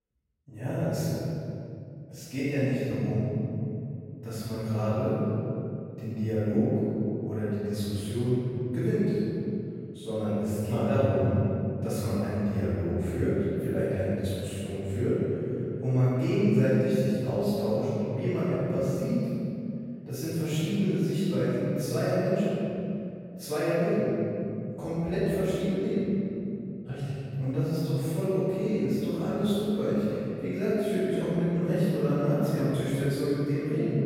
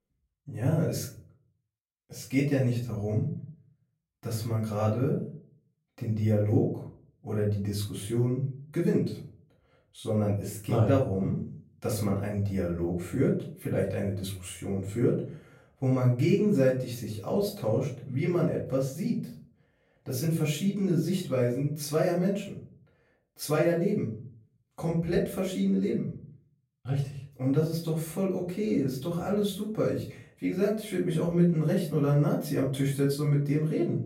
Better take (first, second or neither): second